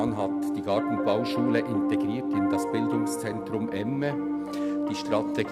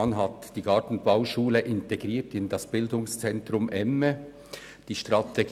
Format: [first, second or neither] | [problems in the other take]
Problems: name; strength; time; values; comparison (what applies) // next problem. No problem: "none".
second | background sound (Piano); 2 dB above the speech